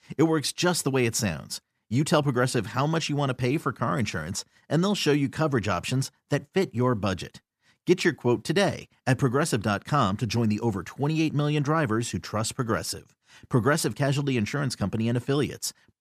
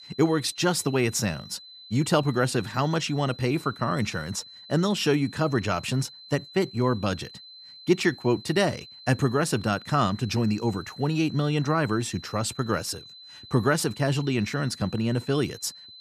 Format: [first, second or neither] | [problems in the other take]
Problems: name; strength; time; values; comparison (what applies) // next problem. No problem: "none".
first | high-pitched whine; noticeable; throughout; 4 kHz, 20 dB below the speech